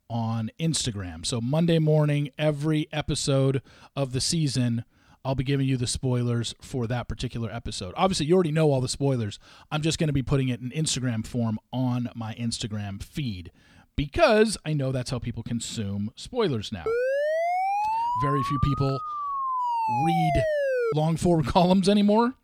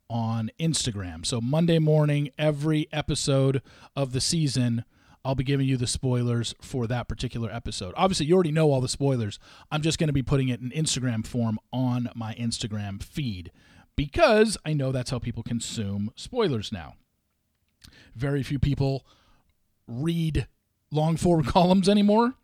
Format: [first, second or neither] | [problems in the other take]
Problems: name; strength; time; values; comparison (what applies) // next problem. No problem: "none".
second | siren; loud; from 17 to 21 s; peak 1 dB above the speech